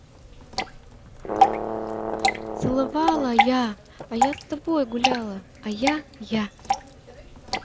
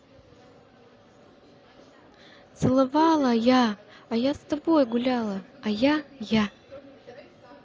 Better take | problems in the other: second | background sound (Drip / Water + Brass instrument); 1 dB above the speech

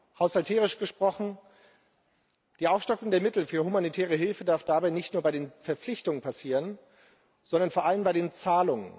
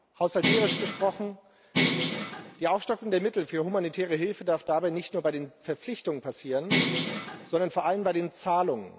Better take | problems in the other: first | background sound (Bell); as loud as the speech

